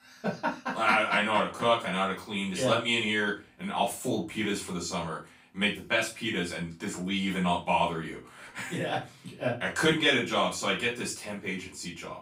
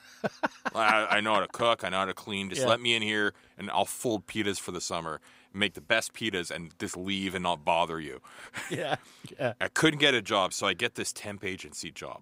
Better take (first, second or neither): second